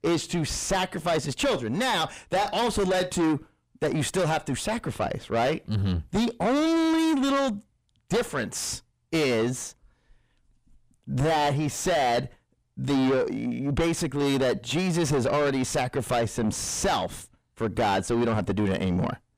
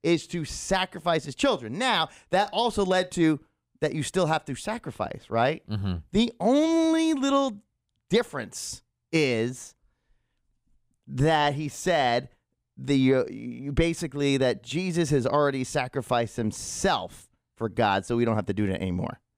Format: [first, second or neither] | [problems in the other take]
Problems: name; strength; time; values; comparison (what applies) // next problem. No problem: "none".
second | distortion; heavy; 5 dB below the speech